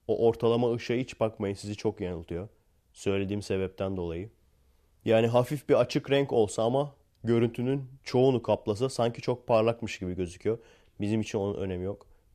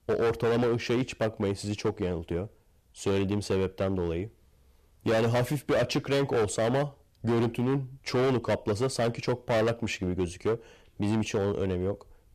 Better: first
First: none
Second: distortion; heavy; 13% of the sound clipped

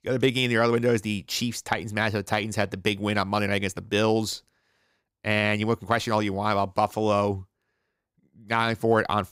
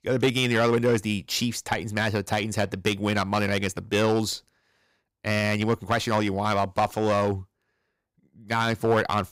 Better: first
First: none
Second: distortion; slight; 3% of the sound clipped

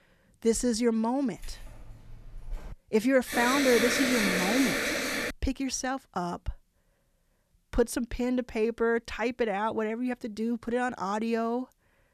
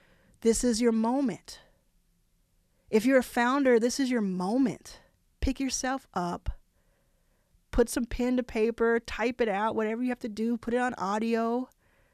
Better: second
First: jangling keys; faint; from 1.5 to 2.5 s; peak 15 dB below the speech // alarm; loud; from 3.5 to 5.5 s; peak 3 dB above the speech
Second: none

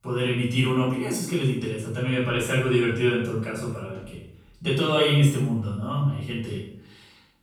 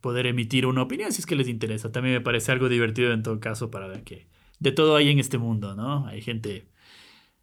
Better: second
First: off-mic speech; far // room echo; noticeable; dies away in 0.6 s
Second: none

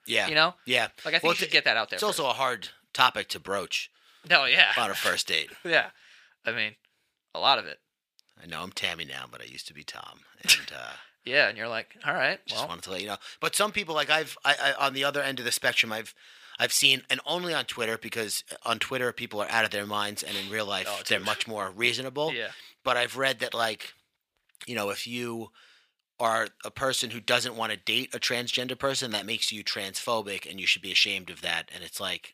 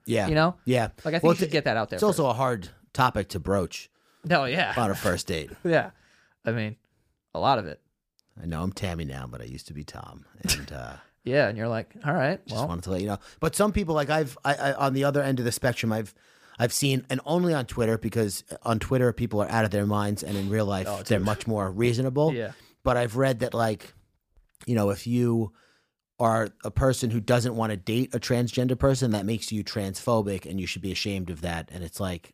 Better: second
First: thin; somewhat; fading below 1 kHz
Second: none

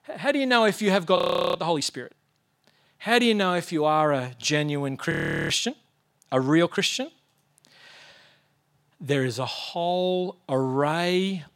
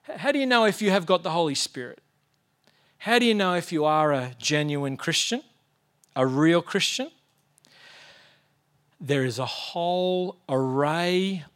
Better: second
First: audio freezing; at 1 s and at 5 s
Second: none

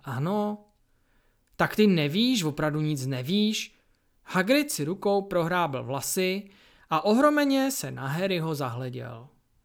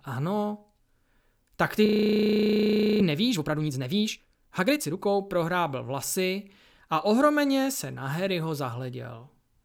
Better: first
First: none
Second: audio freezing; at 2 s for 1 s

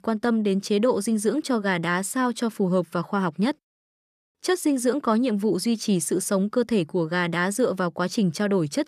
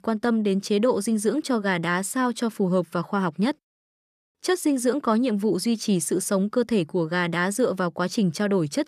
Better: neither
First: none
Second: none

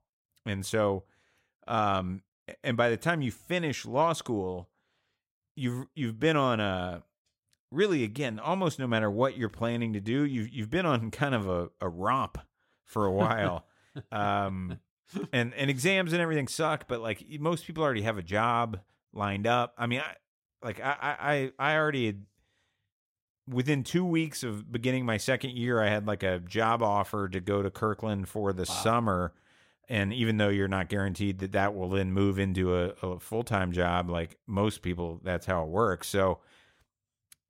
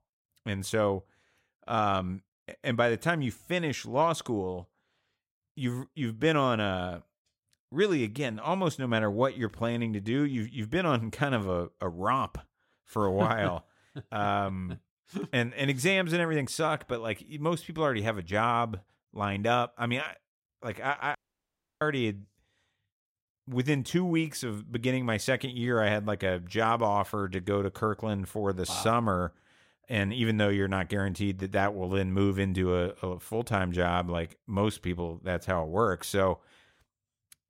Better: first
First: none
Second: audio cutting out; at 21 s for 0.5 s

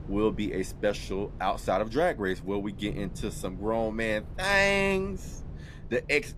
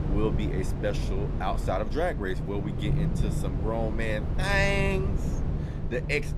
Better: first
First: low rumble; faint; throughout; 25 dB below the speech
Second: low rumble; loud; throughout; 9 dB below the speech

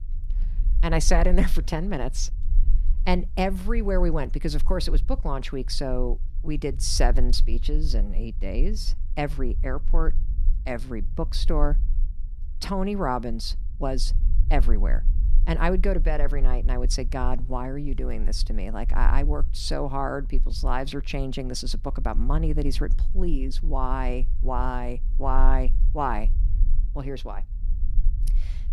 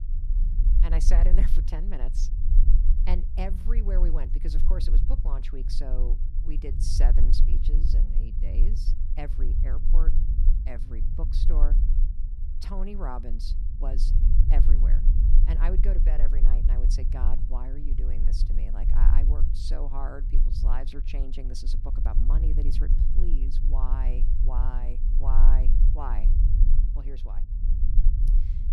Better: first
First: low rumble; faint; throughout; 20 dB below the speech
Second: low rumble; loud; throughout; 6 dB below the speech

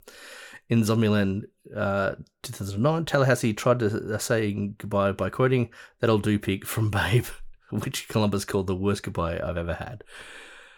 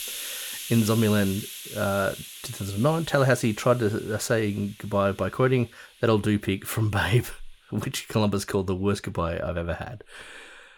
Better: first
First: none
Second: hiss; noticeable; throughout; 10 dB below the speech

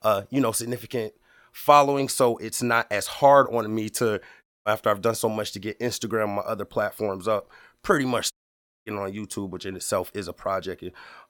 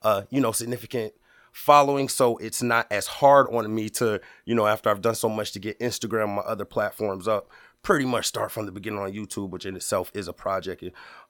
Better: second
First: audio cutting out; at 4.5 s and at 8.5 s for 0.5 s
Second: none

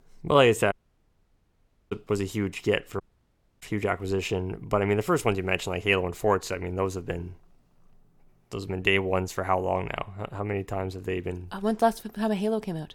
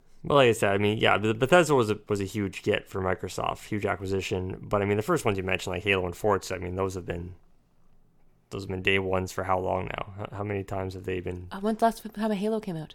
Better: second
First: audio cutting out; at 0.5 s for 1 s and at 3 s for 0.5 s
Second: none

